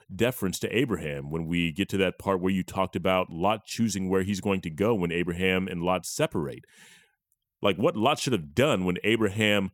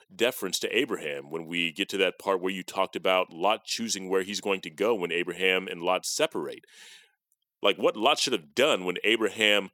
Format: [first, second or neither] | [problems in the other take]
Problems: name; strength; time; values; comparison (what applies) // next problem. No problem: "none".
first | thin; somewhat; fading below 400 Hz